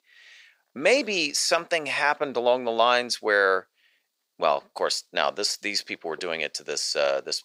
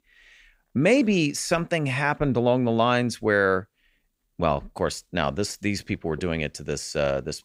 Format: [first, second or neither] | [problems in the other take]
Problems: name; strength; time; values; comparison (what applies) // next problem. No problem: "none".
second | thin; very; fading below 600 Hz